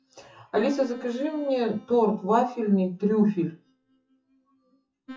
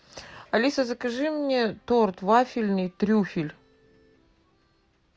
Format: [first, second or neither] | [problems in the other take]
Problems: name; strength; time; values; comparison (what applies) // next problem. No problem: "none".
second | noise reduction (classical method WPE with log-MMSE)